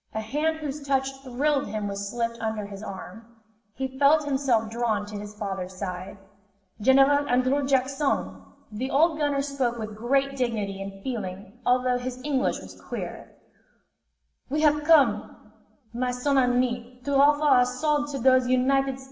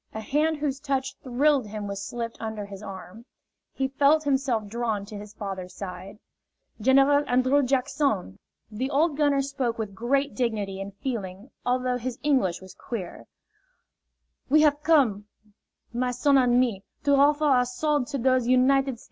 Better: second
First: room echo; dies away in 0.8 s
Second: none

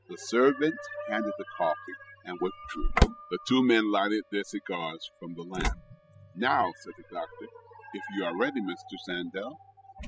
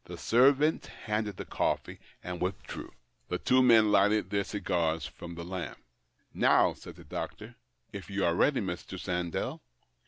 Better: second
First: noise reduction (classical method spectral subtraction)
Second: none

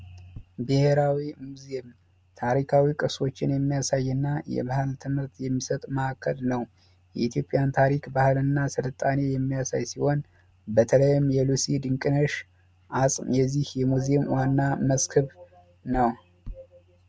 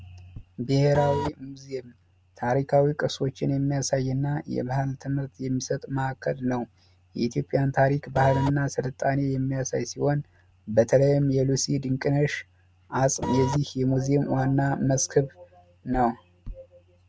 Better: first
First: none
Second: background sound (Printer); 3 dB below the speech

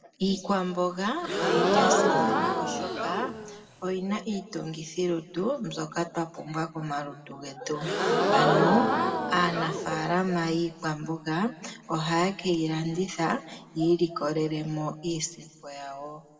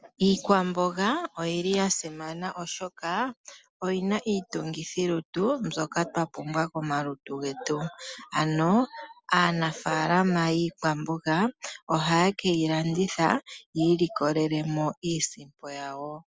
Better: second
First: background sound (Crowd / Gasp); 3 dB above the speech // room echo; dies away in 1.3 s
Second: none

